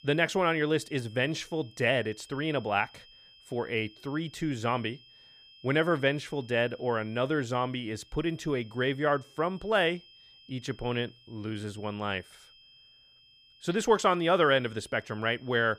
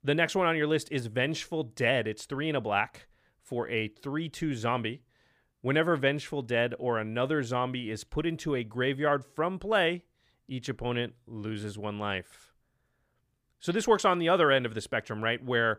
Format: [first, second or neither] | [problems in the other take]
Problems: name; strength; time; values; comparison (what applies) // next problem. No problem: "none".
second | high-pitched whine; faint; throughout; 3 kHz, 25 dB below the speech